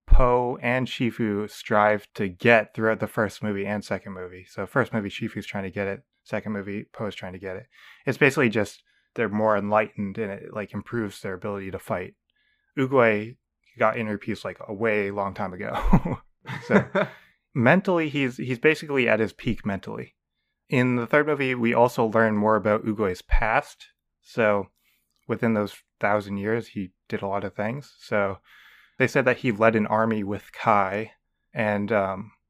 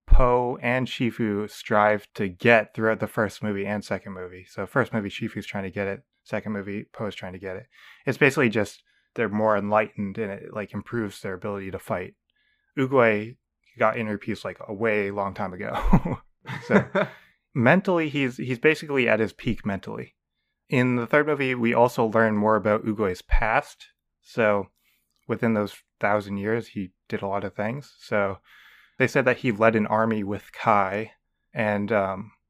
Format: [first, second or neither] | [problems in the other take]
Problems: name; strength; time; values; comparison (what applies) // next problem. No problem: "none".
neither | muffled; slightly; fading above 4 kHz; the same in both